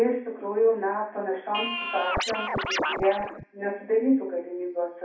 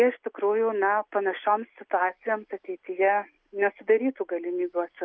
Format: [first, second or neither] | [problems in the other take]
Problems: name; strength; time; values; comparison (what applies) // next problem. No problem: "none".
second | background sound (Scratching (performance technique)); 3 dB below the speech // room echo; dies away in 0.6 s